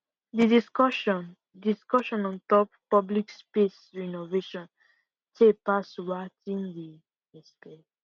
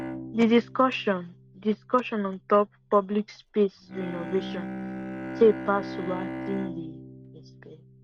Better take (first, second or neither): first